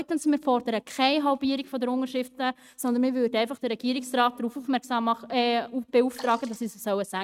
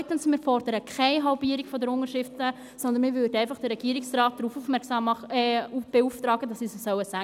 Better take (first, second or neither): second